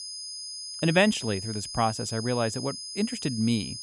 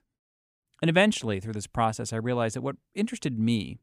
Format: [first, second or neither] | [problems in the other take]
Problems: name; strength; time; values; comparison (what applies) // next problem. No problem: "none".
second | high-pitched whine; loud; throughout; 5 kHz, 8 dB below the speech